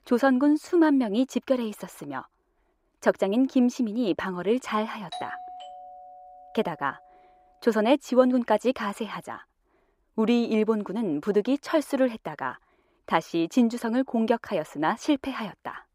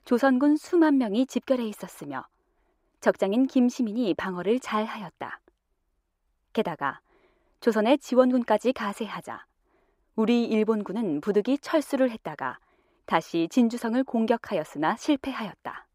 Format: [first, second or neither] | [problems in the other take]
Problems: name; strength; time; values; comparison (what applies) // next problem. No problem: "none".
second | doorbell; faint; from 5 to 7 s; peak 10 dB below the speech